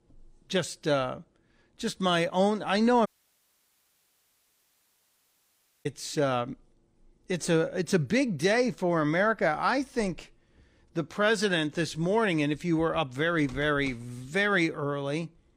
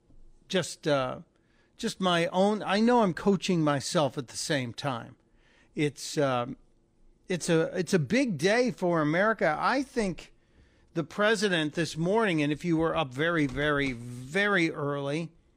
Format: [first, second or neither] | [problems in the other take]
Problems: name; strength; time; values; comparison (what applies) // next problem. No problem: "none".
second | audio cutting out; at 3 s for 3 s